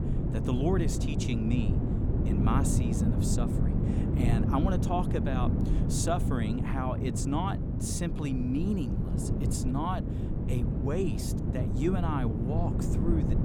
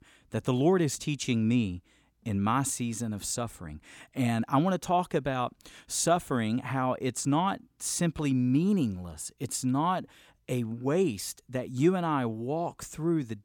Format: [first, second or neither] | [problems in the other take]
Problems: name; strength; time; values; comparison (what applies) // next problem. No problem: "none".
second | wind noise on the microphone; heavy; 3 dB below the speech